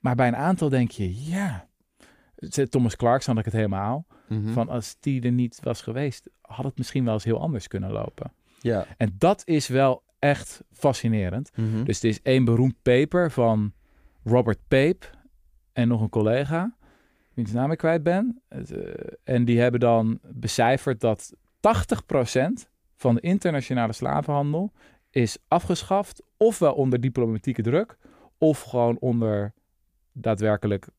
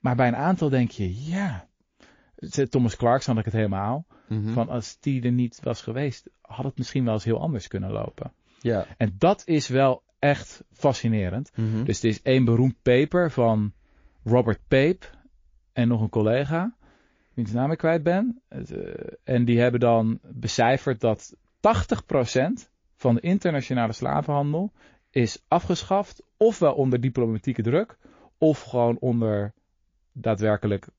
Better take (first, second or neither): first